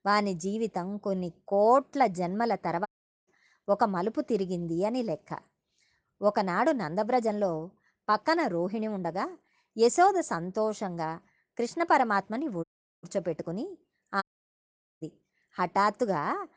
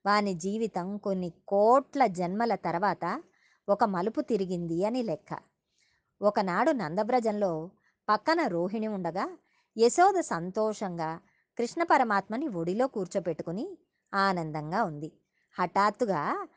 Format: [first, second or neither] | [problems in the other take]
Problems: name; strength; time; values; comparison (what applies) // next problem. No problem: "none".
second | audio cutting out; at 3 s, at 13 s and at 14 s for 1 s